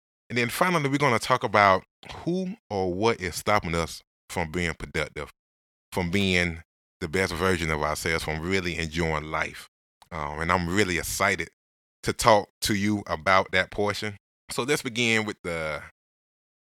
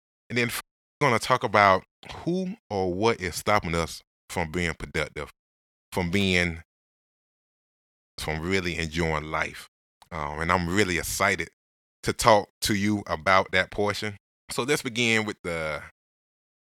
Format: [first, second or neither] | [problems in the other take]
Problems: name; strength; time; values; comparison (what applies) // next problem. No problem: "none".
first | audio cutting out; at 0.5 s and at 6.5 s for 1.5 s